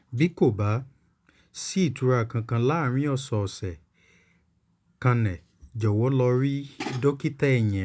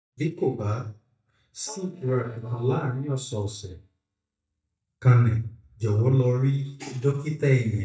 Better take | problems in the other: first | noise reduction (neural mask model DeepFilterNet 3)

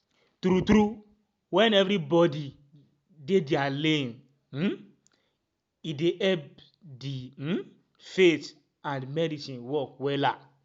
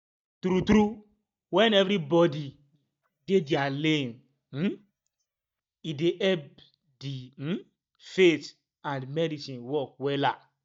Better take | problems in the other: first | noise reduction (neural mask model DeepFilterNet 3)

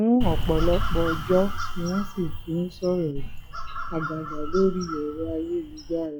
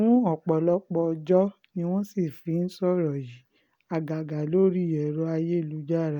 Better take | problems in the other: second | noise reduction (classical method log-MMSE)

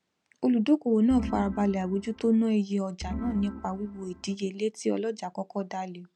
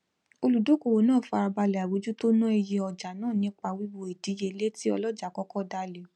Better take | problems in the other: second | background sound (Organ); 10 dB below the speech

